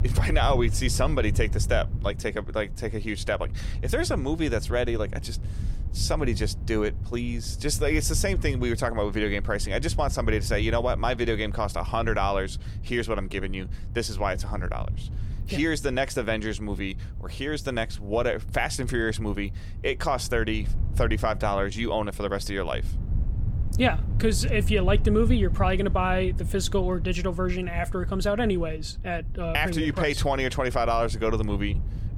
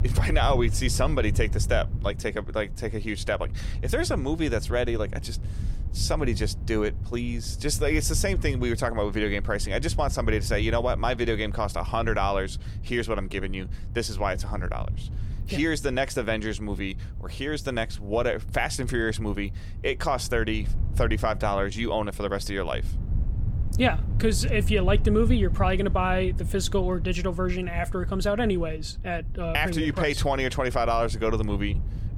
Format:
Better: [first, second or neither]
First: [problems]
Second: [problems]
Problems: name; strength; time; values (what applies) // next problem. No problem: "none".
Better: neither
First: wind noise on the microphone; occasional gusts; 20 dB below the speech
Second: wind noise on the microphone; occasional gusts; 20 dB below the speech